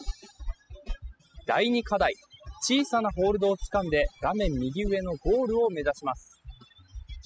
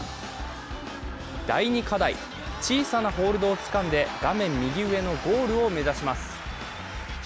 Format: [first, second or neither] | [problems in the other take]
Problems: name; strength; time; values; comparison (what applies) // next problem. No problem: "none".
second | noise reduction (classical method spectral subtraction)